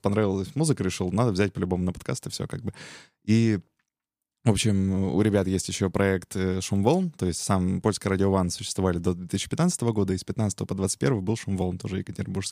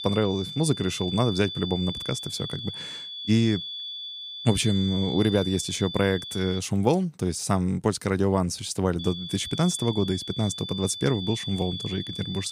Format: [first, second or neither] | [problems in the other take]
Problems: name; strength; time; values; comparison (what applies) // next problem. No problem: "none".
first | high-pitched whine; loud; until 6.5 s and from 9 s on; 3.5 kHz, 8 dB below the speech